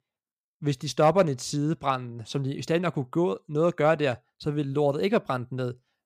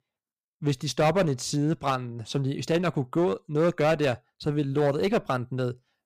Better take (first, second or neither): first